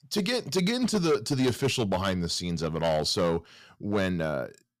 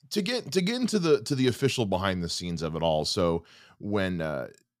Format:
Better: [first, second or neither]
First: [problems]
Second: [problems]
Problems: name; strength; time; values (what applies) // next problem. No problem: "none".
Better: second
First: distortion; slight; 6% of the sound clipped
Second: none